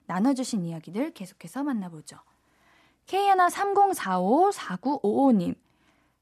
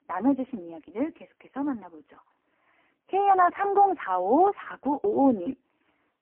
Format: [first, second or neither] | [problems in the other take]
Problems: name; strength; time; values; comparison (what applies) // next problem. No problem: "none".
first | phone-call audio; poor line